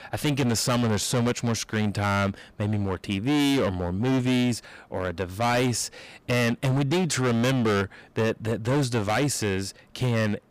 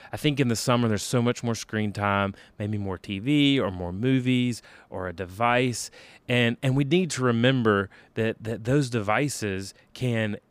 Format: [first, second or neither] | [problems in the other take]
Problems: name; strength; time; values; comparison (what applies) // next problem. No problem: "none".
second | distortion; heavy; 20% of the sound clipped